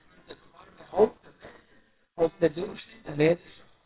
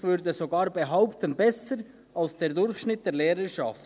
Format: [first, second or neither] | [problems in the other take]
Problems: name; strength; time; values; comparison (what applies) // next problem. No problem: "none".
second | noise reduction (neural separator model SepFormer WHAMR!)